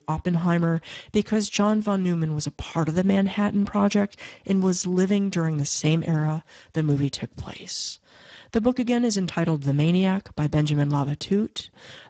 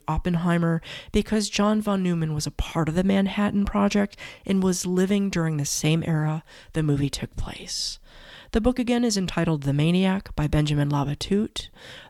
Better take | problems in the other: second | garbled, watery; badly; nothing above 7.5 kHz

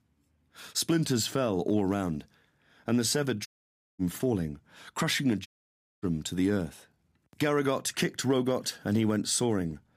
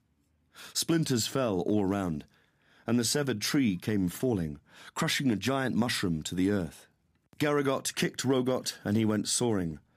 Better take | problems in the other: second | audio cutting out; at 3.5 s for 0.5 s and at 5.5 s for 0.5 s

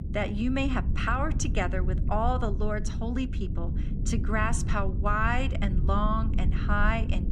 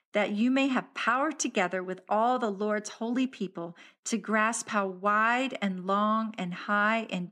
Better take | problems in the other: second | low rumble; noticeable; throughout; 15 dB below the speech

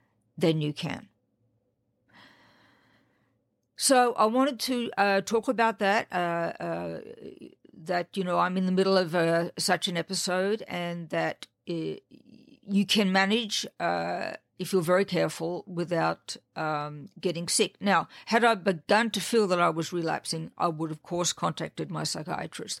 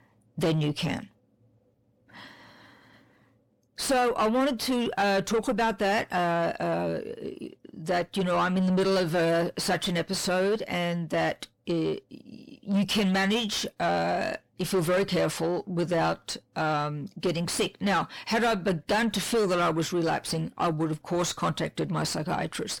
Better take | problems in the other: first | distortion; heavy; 6 dB below the speech

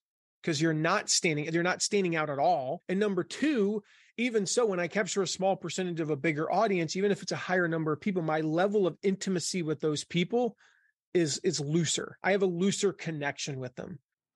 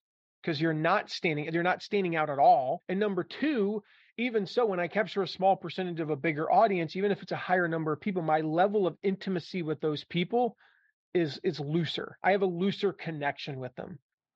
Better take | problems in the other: first | muffled; very; fading above 4 kHz

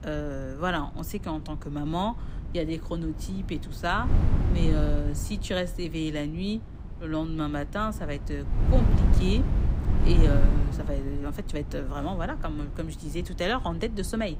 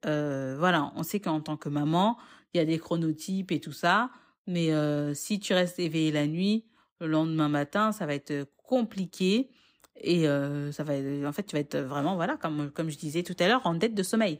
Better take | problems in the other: second | wind noise on the microphone; heavy; 8 dB below the speech

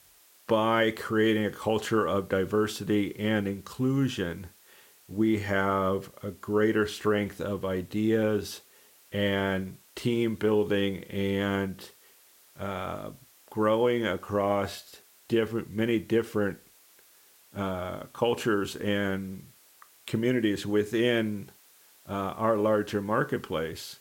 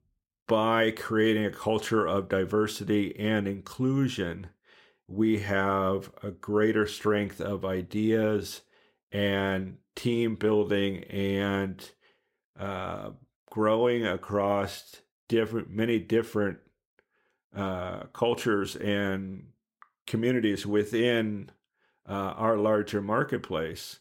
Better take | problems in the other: second | hiss; faint; throughout; 25 dB below the speech

